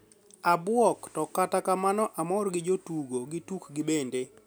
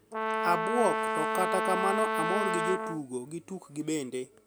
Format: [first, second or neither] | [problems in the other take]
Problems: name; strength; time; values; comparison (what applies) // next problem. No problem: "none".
first | background sound (Brass instrument); 1 dB above the speech